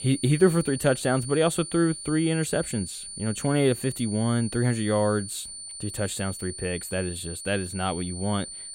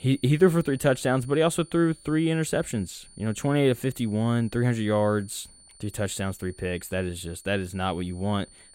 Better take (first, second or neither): second